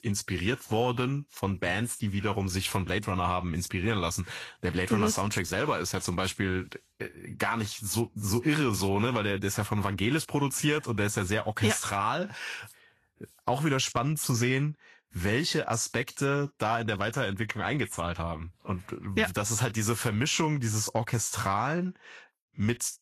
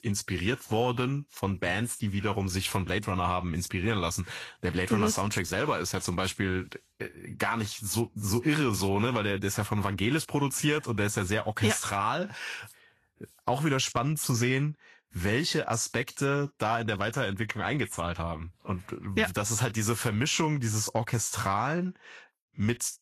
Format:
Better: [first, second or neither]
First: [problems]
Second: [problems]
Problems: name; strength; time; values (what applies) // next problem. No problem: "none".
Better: neither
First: garbled, watery; slightly; nothing above 12.5 kHz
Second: garbled, watery; slightly; nothing above 12.5 kHz